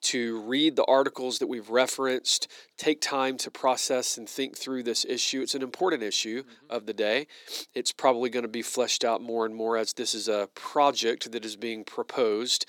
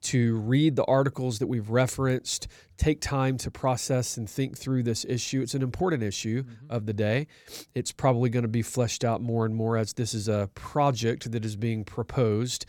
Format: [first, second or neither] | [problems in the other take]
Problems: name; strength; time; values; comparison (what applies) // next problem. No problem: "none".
second | thin; somewhat; fading below 300 Hz